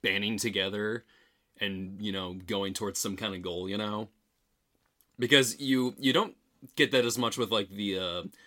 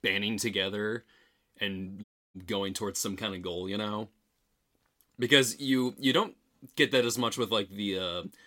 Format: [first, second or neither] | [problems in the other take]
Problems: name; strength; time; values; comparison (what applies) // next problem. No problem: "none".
first | audio cutting out; at 2 s